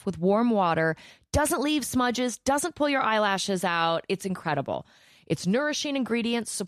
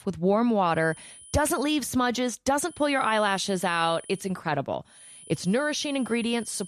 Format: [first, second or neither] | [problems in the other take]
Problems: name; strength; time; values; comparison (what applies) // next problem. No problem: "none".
first | high-pitched whine; noticeable; at 1 s, from 2.5 to 4.5 s and from 5 s on; 10 kHz, 20 dB below the speech